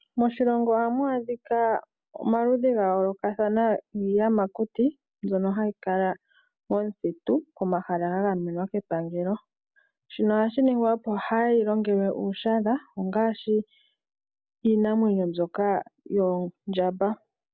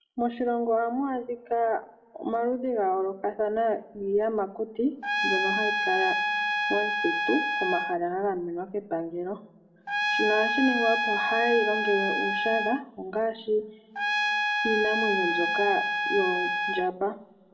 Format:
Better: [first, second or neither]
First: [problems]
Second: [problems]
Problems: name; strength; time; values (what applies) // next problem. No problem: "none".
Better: first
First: none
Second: background sound (Trumpet); as loud as the speech // room echo; dies away in 1.1 s